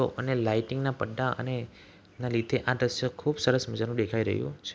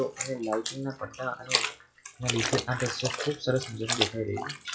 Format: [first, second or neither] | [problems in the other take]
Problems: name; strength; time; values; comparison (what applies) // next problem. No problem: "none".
first | noise reduction (classical method WPE with log-MMSE)